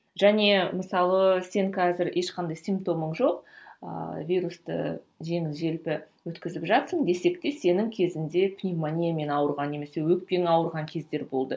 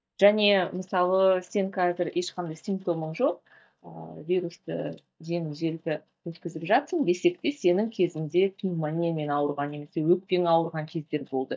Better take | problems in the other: first | noise reduction (neural mask model DeepFilterNet 3)

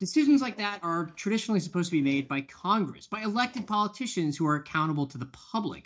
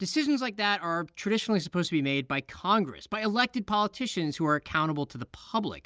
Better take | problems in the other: second | noise reduction (neural mask model DeepFilterNet 3)

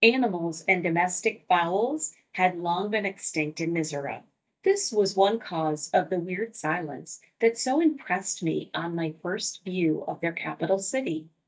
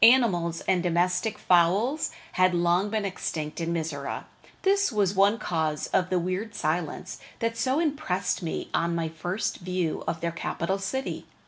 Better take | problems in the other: second | noise reduction (neural mask model DeepFilterNet 3)

